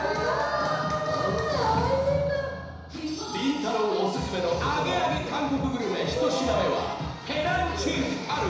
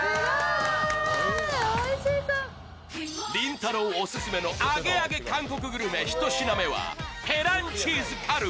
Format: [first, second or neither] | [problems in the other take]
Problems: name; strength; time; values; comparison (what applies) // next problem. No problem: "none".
second | room echo; dies away in 1 s